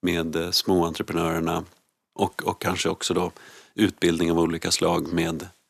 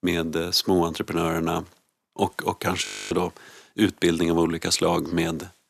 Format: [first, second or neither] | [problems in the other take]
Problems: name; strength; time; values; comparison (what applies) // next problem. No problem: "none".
first | audio freezing; at 3 s